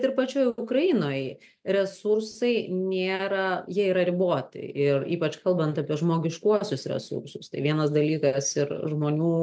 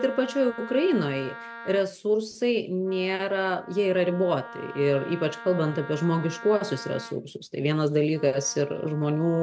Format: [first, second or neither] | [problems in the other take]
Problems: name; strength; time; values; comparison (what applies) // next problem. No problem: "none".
first | background sound (Wind instrument, woodwind instrument); 17 dB below the speech